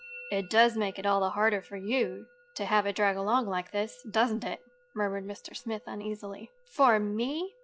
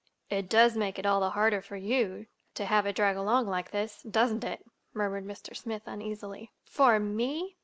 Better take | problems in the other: second | noise reduction (classical method log-MMSE)

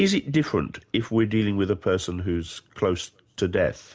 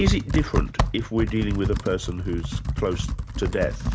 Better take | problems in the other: first | background sound (Computer keyboard); as loud as the speech

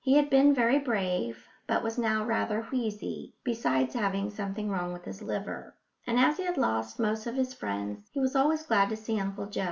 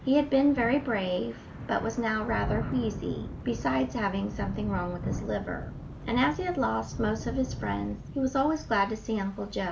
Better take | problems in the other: first | background sound (Thunder / Rain); 8 dB below the speech

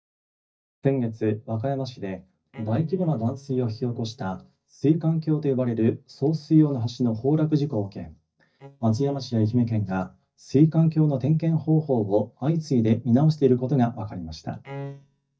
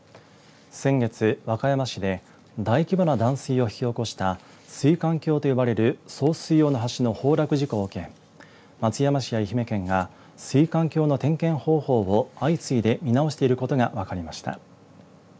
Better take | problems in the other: second | noise reduction (neural mask model DeepFilterNet 3)

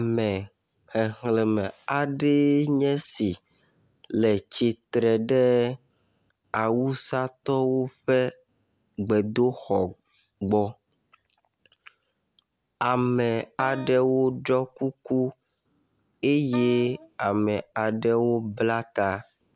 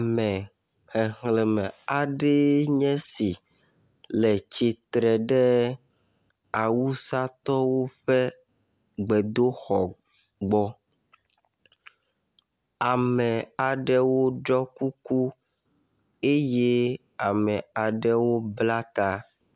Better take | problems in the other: second | background sound (Wind instrument, woodwind instrument); 17 dB below the speech

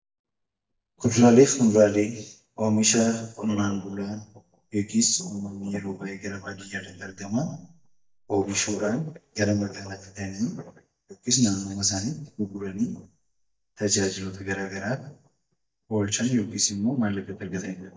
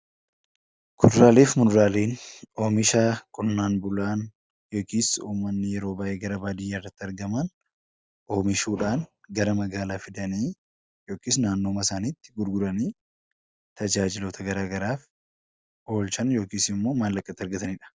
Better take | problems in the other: second | noise reduction (neural mask model DeepFilterNet 3)

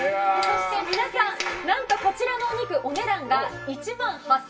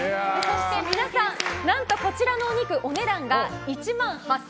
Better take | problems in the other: second | room echo; dies away in 0.1 s

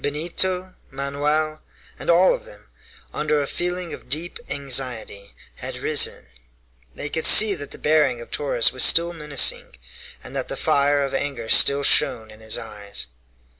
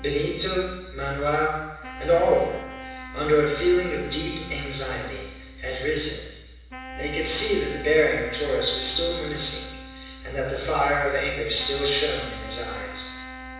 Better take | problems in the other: first | background sound (Wind instrument, woodwind instrument); 15 dB below the speech // room echo; dies away in 1.1 s

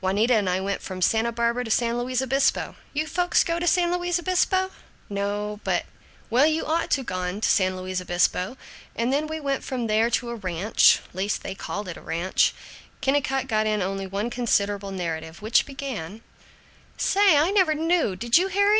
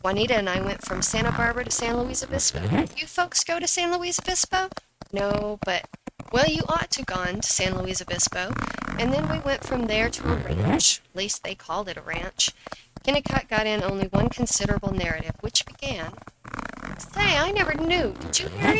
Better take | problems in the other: first | noise reduction (neural mask model RNNoise)

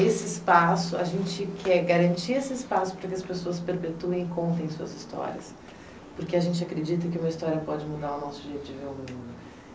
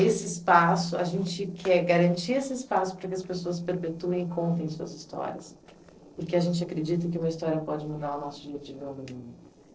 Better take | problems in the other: first | noise reduction (neural separator model SepFormer DNS4)

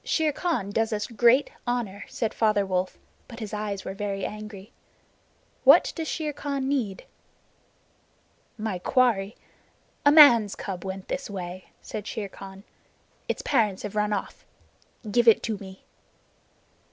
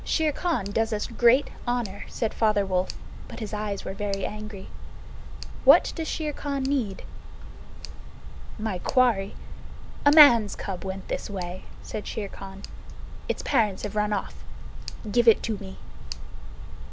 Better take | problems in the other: first | background sound (Tick); 4 dB below the speech

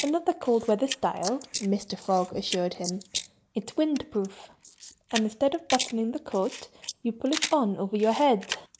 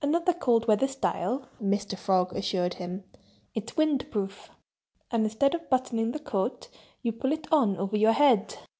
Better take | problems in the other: second | noise reduction (neural mask model Resemble Enhance denoiser)

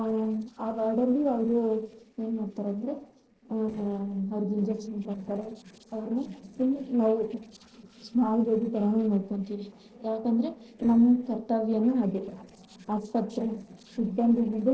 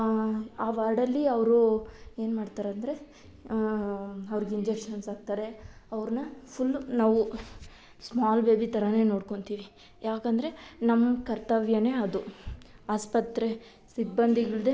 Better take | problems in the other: second | noise reduction (neural separator model SepFormer DNS4)

